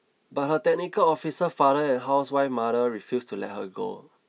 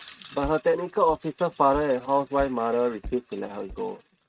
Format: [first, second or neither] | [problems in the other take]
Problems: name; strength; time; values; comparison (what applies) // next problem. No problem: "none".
first | noise reduction (neural mask model RNNoise)